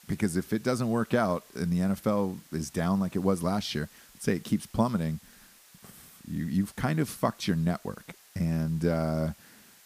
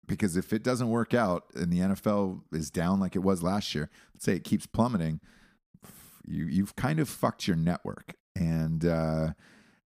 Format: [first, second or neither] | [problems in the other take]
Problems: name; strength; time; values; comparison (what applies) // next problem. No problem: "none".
second | hiss; faint; throughout; 25 dB below the speech